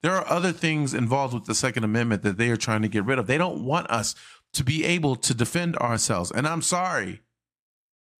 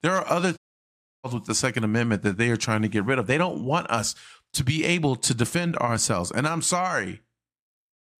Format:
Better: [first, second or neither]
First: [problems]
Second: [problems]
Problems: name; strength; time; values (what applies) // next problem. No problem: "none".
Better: first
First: none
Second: audio cutting out; at 0.5 s for 0.5 s